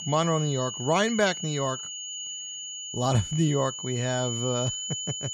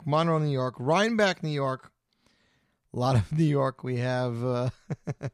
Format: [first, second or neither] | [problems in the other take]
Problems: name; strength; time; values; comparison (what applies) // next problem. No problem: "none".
second | high-pitched whine; loud; throughout; 3 kHz, 6 dB below the speech